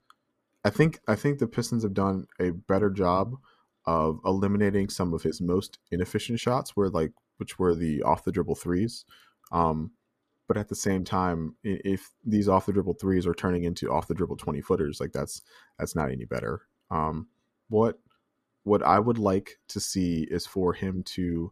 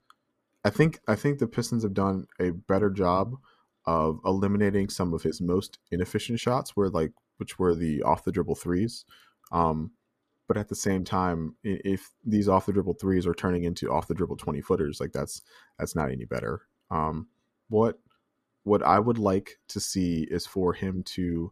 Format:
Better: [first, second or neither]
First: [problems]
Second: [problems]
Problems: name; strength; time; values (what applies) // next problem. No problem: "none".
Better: neither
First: none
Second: none